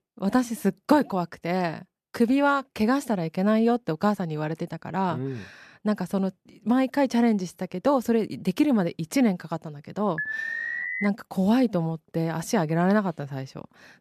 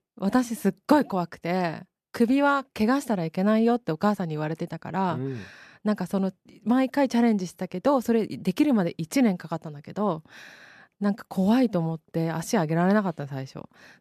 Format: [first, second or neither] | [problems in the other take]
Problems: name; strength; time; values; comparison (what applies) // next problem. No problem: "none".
second | alarm; noticeable; at 10 s; peak 3 dB below the speech